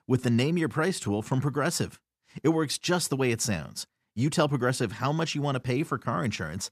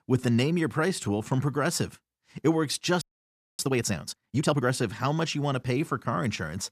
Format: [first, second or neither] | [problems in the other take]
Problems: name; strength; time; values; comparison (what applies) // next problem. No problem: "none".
first | audio freezing; at 3 s for 0.5 s